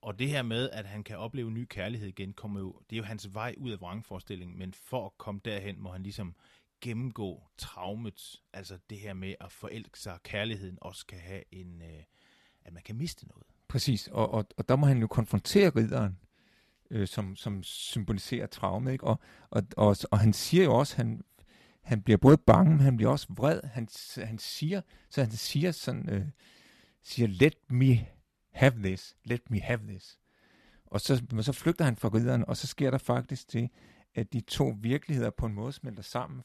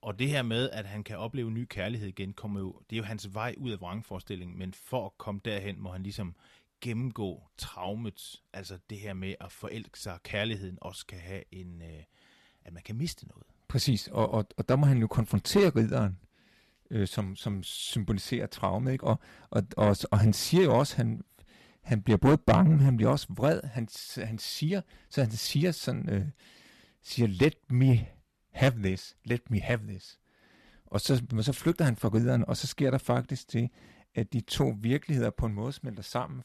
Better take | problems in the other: first | distortion; slight; 10 dB below the speech

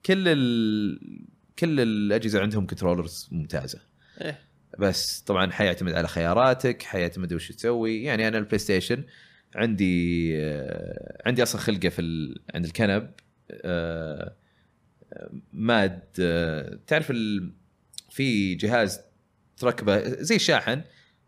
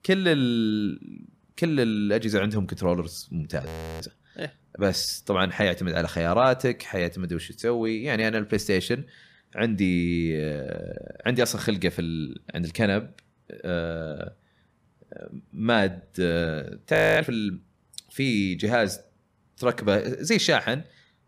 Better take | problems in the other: first | audio freezing; at 3.5 s and at 17 s

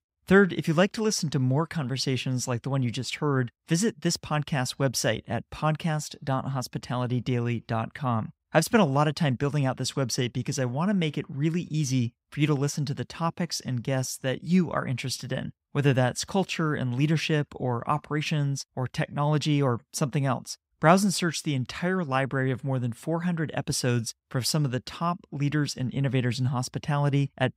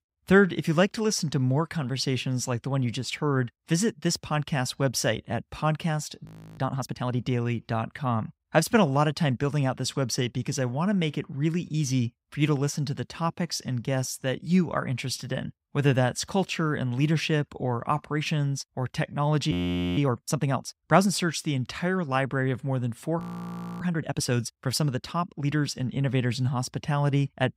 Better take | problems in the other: first | audio freezing; at 6.5 s, at 20 s and at 23 s for 0.5 s

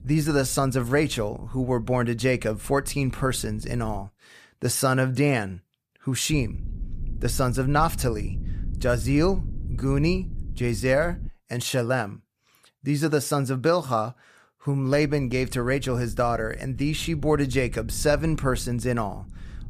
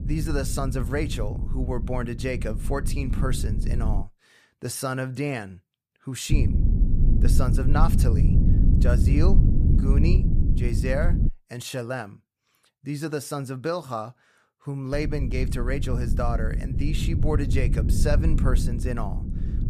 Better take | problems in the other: first | low rumble; loud; until 4 s, from 6.5 to 11 s and from 15 s on; 6 dB below the speech; faint in the first

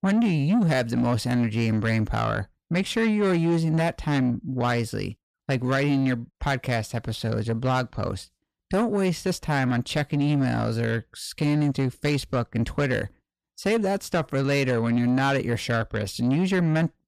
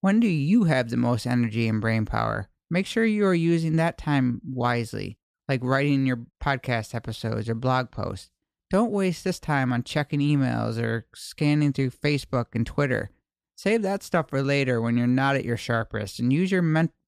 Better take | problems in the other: second | distortion; slight; 10 dB below the speech

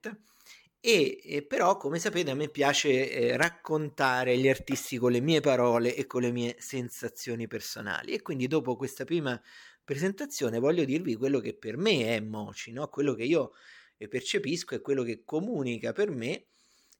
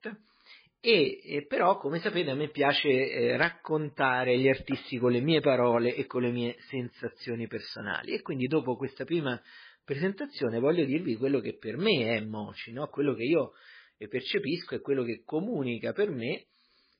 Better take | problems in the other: first | garbled, watery; badly; nothing above 4.5 kHz

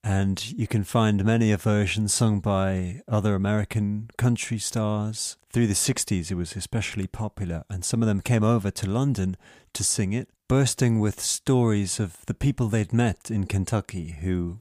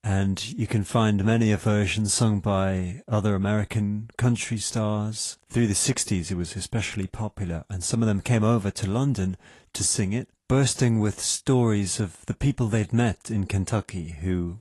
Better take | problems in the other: first | garbled, watery; slightly; nothing above 11 kHz

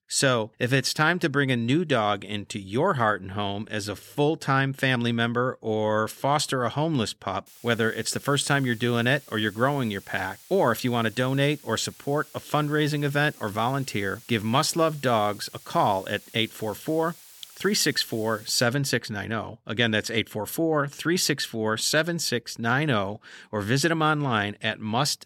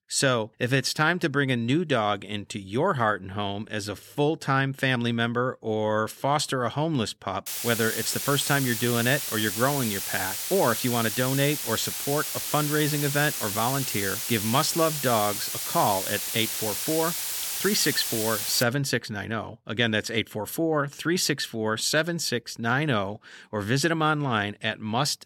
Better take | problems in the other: first | hiss; loud; from 7.5 to 19 s; 2 dB below the speech; faint in the first

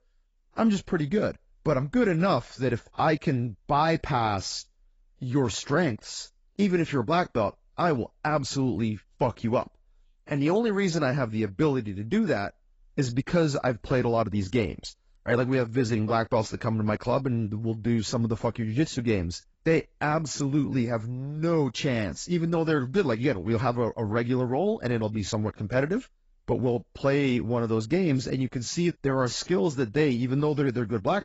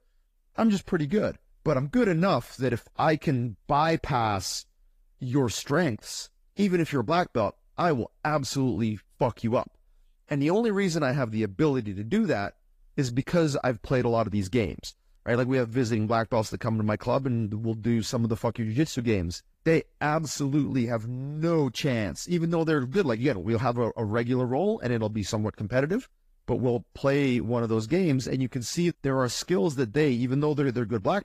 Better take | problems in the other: second | garbled, watery; badly; nothing above 7.5 kHz; slightly in the second

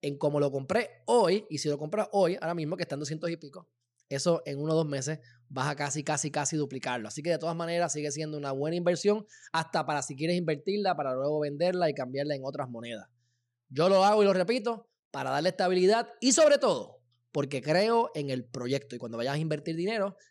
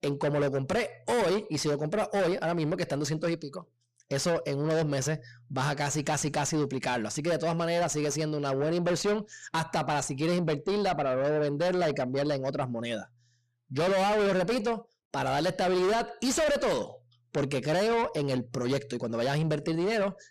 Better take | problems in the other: first | distortion; heavy; 6 dB below the speech

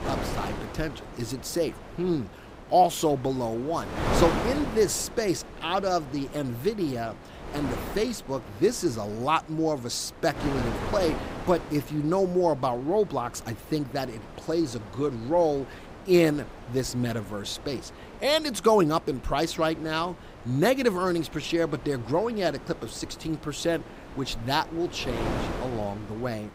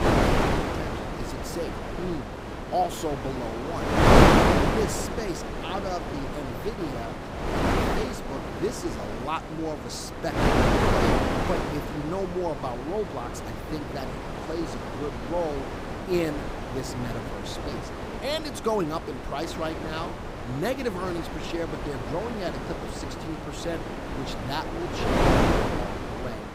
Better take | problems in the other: first | wind noise on the microphone; heavy; 5 dB above the speech; occasional gusts in the first

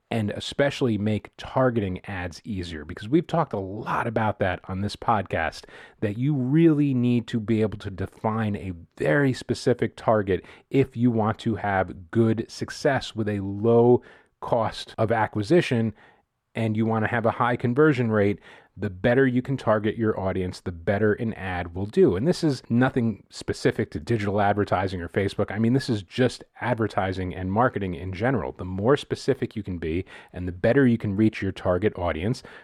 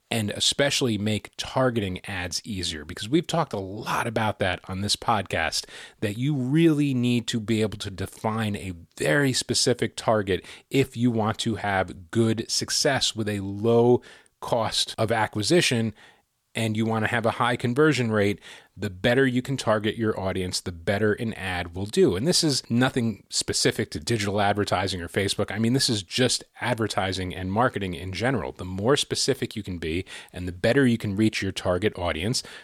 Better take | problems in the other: second | muffled; slightly; fading above 3 kHz

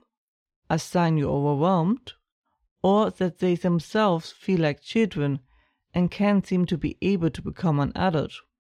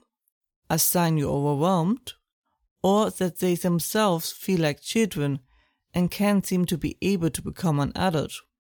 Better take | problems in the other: second | muffled; slightly; fading above 3 kHz

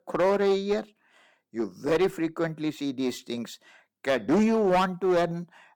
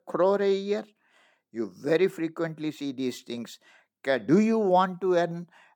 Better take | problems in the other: second | distortion; slight; 8% of the sound clipped

